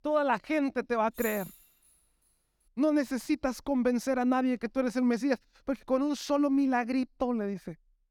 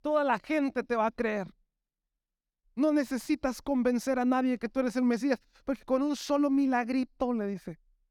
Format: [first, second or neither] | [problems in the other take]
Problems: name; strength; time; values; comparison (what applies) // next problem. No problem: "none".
second | jangling keys; noticeable; at 1 s; peak 10 dB below the speech